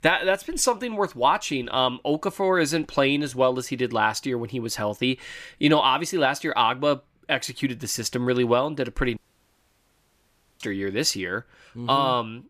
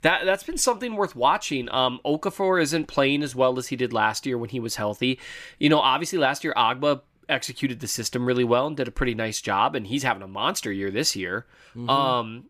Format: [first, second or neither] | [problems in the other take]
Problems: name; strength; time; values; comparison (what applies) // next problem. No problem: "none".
second | audio cutting out; at 9 s for 1.5 s